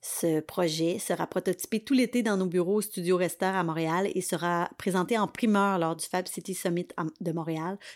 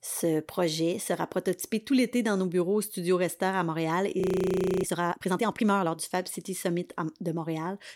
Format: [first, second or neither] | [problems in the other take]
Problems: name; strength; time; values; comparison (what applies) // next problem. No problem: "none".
first | audio freezing; at 4 s for 0.5 s